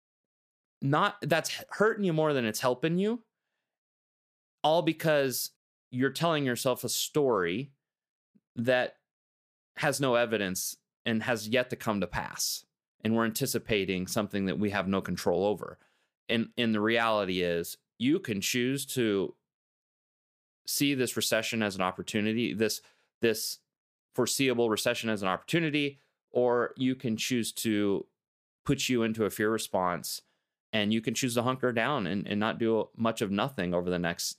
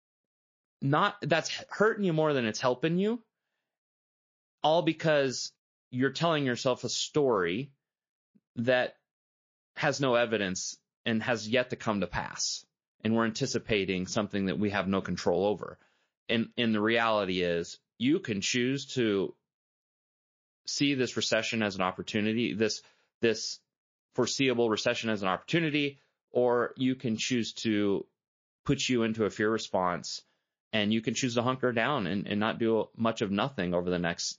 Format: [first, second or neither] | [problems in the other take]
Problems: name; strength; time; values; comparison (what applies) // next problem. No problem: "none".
first | garbled, watery; slightly; nothing above 6.5 kHz